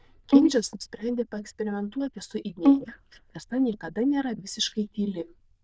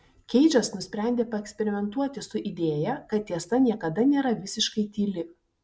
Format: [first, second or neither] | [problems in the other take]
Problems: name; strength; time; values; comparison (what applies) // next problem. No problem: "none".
second | noise reduction (neural diffusion model UNIVERSE++)